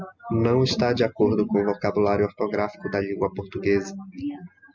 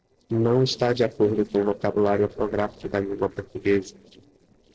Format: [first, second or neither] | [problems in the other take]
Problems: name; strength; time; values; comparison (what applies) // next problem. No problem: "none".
first | noise reduction (neural separator model SepFormer DNS4)